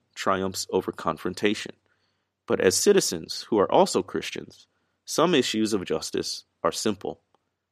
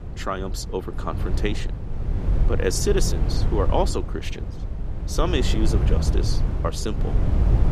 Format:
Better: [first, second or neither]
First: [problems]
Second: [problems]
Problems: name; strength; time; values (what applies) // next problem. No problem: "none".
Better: first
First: none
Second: wind noise on the microphone; heavy; 9 dB below the speech